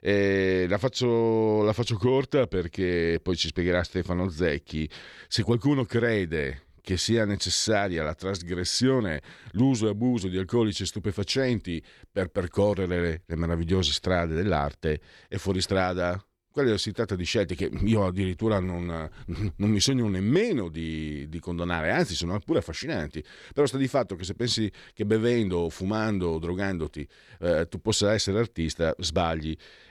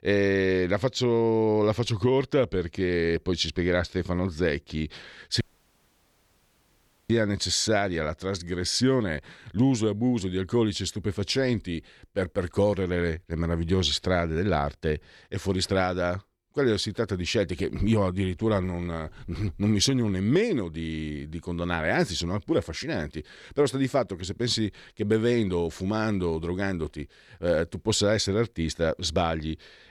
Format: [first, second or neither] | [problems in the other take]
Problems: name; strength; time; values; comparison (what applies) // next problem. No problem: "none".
first | audio cutting out; at 5.5 s for 1.5 s